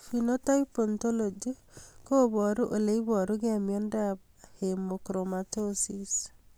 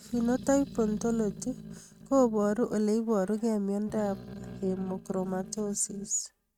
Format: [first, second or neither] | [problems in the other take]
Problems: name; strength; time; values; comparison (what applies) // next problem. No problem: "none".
first | noise reduction (neural mask model RNNoise)